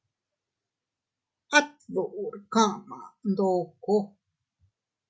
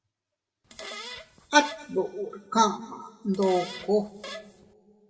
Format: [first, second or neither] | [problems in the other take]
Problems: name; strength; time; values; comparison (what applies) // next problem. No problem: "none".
first | background sound (Fart); 13 dB below the speech // room echo; dies away in 1.3 s